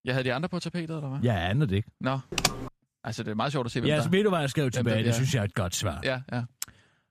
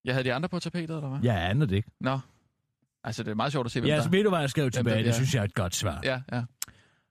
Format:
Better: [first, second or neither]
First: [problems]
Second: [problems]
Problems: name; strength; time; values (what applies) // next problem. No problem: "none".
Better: second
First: keyboard typing; loud; at 2.5 s; peak 1 dB above the speech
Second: none